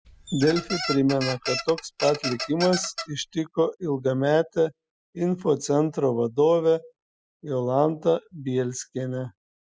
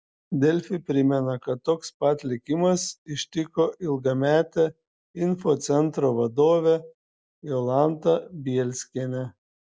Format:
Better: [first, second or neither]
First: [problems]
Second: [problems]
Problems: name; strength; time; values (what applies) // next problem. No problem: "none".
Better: second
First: noise reduction (classical method spectral subtraction)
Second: none